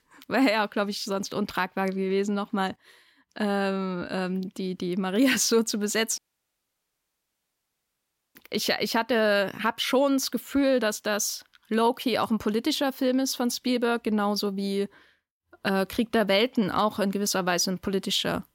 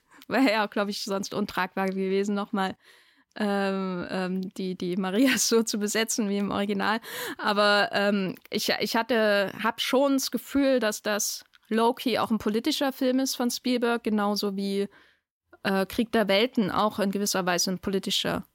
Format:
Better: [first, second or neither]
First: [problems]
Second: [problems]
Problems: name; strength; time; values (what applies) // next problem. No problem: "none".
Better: second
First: audio cutting out; at 6 s for 2 s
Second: none